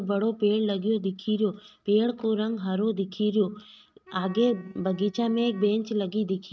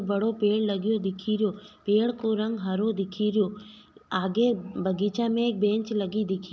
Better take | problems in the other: second | noise reduction (neural mask model RNNoise)

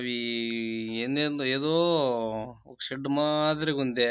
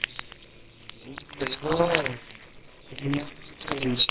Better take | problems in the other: first | noise reduction (neural separator model SepFormer WHAMR!)

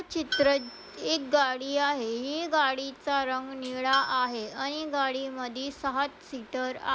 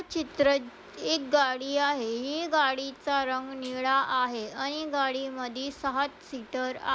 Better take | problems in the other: second | background sound (Tools); 13 dB below the speech

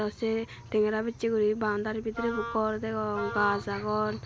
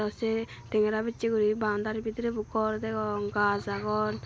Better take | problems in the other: second | background sound (Wind instrument, woodwind instrument); 10 dB below the speech

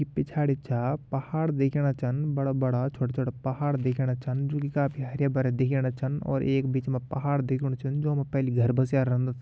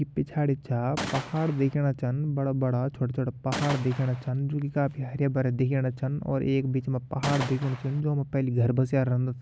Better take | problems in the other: first | background sound (Gunshot, gunfire); 9 dB below the speech

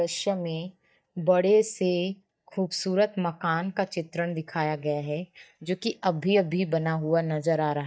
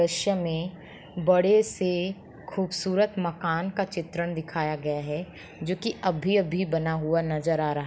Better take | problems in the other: second | noise reduction (neural mask model DeepFilterNet 3)

